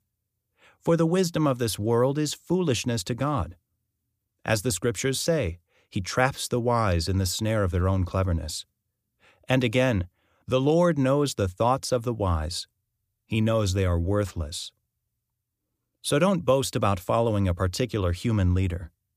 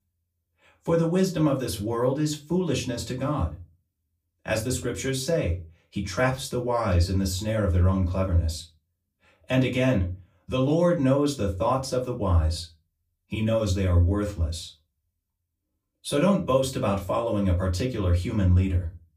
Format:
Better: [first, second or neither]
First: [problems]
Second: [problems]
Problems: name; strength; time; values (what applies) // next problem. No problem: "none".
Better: first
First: none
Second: off-mic speech; far // room echo; very slight; dies away in 0.3 s